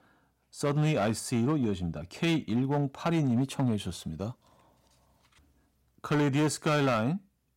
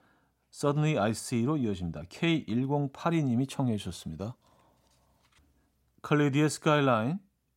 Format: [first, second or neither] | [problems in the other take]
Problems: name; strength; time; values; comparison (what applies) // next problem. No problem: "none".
second | distortion; slight; 8% of the sound clipped